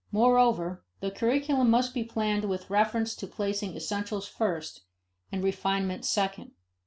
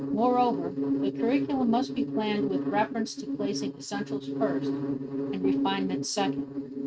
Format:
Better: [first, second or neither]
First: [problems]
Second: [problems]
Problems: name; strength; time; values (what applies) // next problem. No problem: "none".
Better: first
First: none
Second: noise reduction (neural mask model RNNoise)